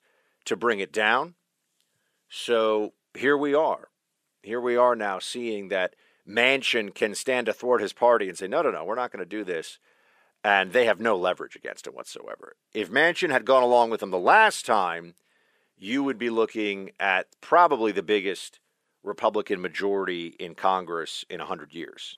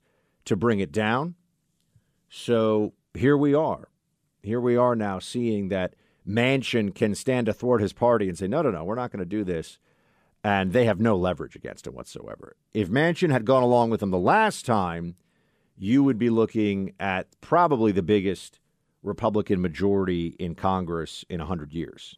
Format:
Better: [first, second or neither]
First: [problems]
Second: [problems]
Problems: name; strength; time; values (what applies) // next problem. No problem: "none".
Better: second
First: thin; somewhat; fading below 450 Hz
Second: none